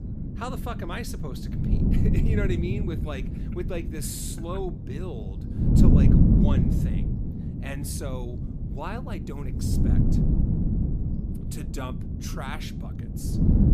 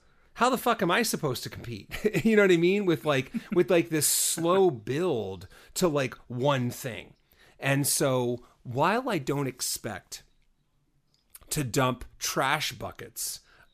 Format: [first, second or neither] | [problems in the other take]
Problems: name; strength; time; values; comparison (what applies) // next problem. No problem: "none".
second | wind noise on the microphone; heavy; 1 dB above the speech